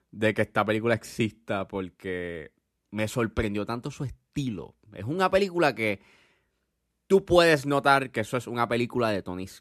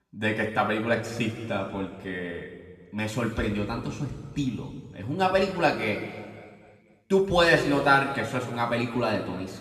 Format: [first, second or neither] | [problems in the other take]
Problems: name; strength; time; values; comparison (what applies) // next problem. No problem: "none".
first | room echo; noticeable; dies away in 1.9 s // off-mic speech; somewhat distant